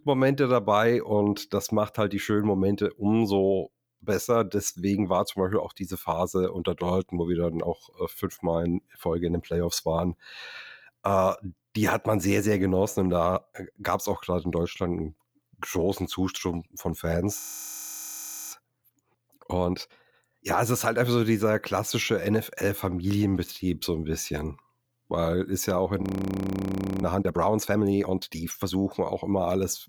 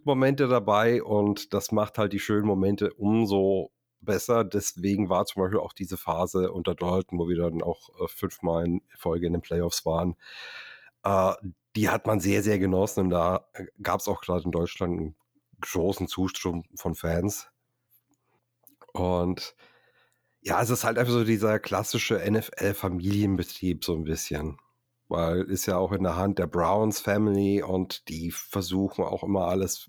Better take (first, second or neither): second